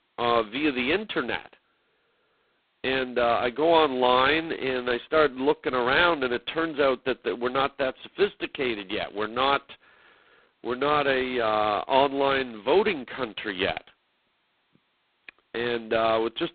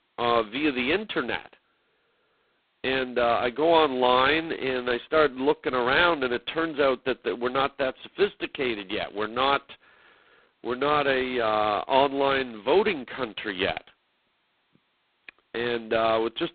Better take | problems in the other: neither | phone-call audio; poor line; nothing above 4 kHz; the same in both

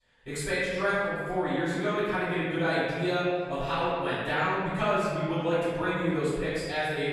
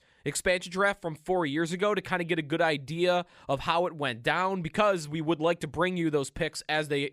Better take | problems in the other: second | off-mic speech; far // room echo; strong; dies away in 1.7 s

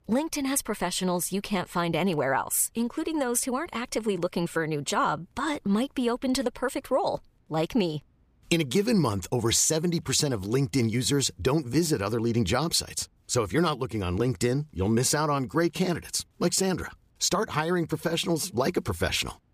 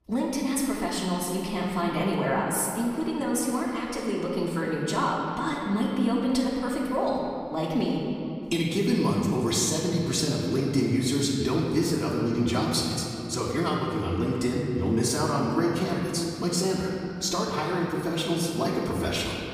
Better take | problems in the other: first | off-mic speech; far // room echo; noticeable; dies away in 2.6 s

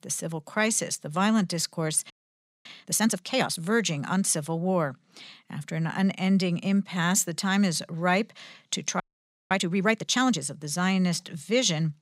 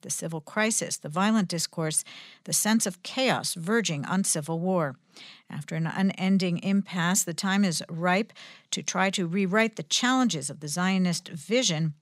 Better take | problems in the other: second | audio freezing; at 2 s for 0.5 s and at 9 s for 0.5 s

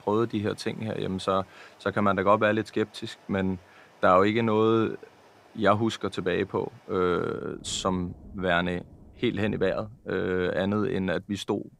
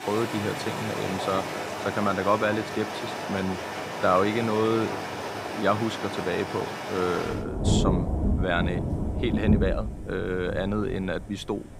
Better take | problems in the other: first | rain or running water; loud; throughout; 2 dB below the speech; faint in the first

